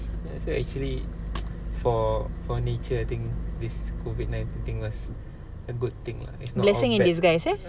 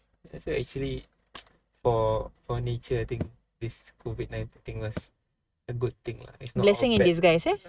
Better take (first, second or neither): first